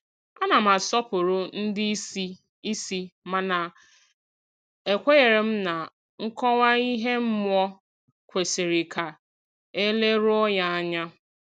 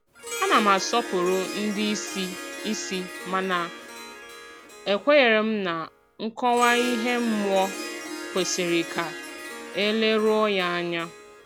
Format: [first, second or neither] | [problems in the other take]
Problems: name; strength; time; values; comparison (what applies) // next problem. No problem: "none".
first | background sound (Harp); 11 dB below the speech